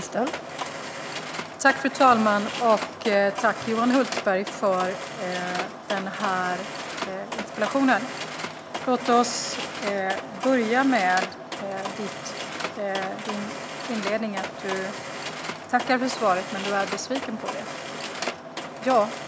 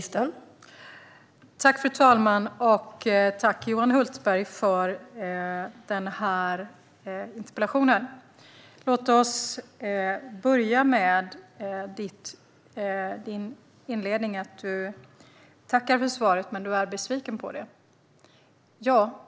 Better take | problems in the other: second | background sound (Mechanisms); 7 dB below the speech

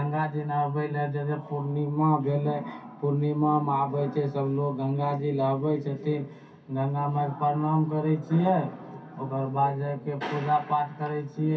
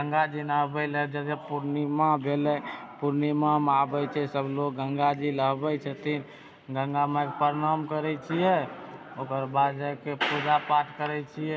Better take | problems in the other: second | room echo; dies away in 0.3 s

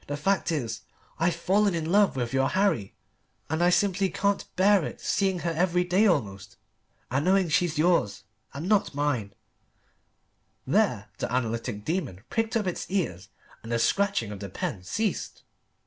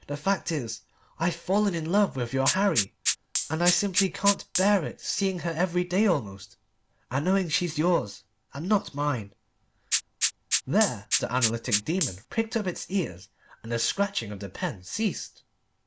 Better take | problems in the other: first | background sound (Rattle (instrument)); 4 dB below the speech

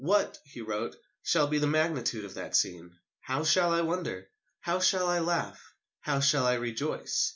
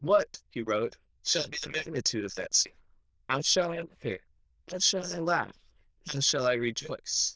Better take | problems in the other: first | noise reduction (neural diffusion model UNIVERSE++)

